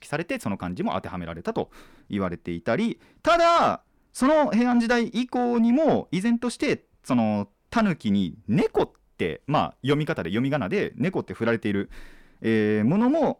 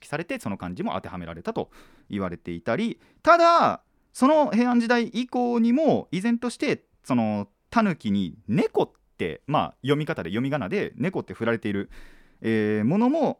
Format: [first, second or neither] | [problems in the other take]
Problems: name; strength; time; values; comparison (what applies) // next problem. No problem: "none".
second | distortion; slight; 10 dB below the speech